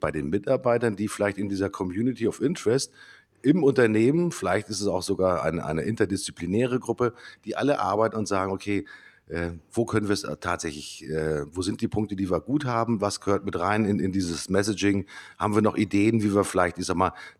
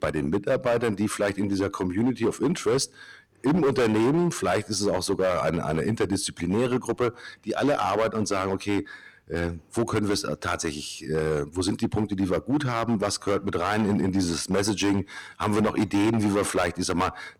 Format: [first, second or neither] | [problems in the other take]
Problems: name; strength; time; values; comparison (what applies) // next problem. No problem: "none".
first | distortion; heavy; 10% of the sound clipped